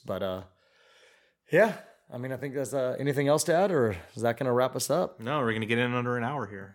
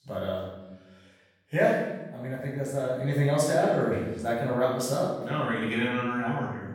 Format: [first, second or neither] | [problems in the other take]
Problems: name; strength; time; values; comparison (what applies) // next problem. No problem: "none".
first | off-mic speech; far // room echo; noticeable; dies away in 1 s